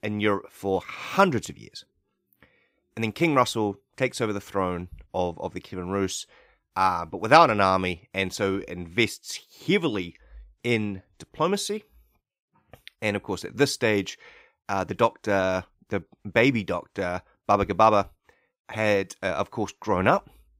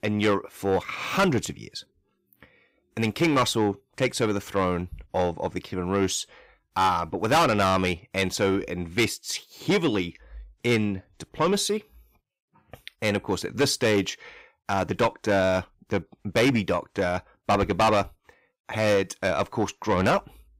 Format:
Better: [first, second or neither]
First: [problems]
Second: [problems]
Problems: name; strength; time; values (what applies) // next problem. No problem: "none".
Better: first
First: none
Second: distortion; heavy; 6 dB below the speech